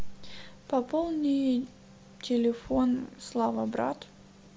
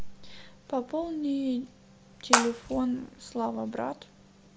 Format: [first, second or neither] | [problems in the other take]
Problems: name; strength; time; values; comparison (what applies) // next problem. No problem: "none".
first | background sound (Water / Splash, splatter); 2 dB above the speech